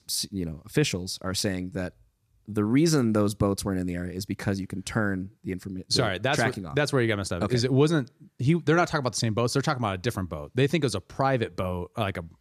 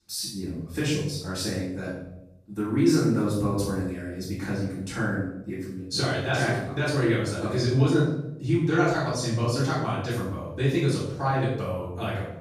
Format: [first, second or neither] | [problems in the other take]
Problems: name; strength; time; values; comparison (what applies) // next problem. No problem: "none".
first | off-mic speech; far // room echo; noticeable; dies away in 0.7 s